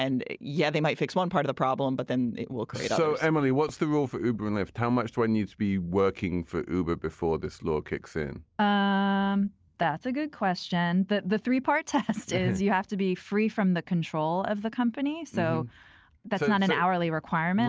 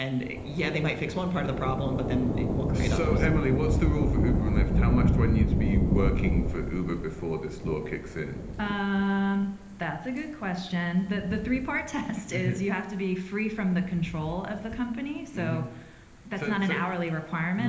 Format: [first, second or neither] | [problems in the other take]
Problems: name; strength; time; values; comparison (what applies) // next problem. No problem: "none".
first | background sound (Thunder / Rain); as loud as the speech // room echo; dies away in 1 s